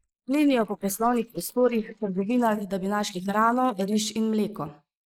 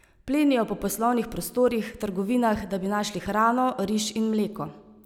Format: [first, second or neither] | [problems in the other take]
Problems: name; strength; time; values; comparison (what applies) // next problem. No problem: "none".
second | noise reduction (neural mask model Resemble Enhance denoiser)